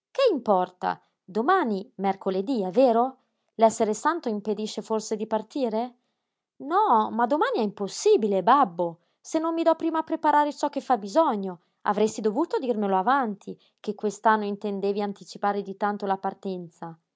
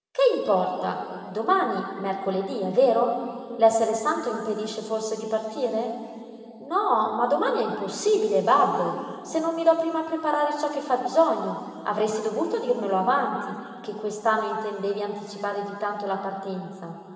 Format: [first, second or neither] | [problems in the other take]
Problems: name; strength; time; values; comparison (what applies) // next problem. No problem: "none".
first | room echo; dies away in 2.9 s